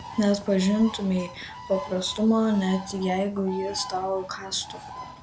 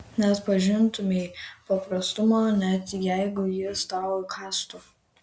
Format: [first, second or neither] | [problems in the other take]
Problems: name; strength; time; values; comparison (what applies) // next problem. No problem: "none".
second | background sound (Bird); 15 dB below the speech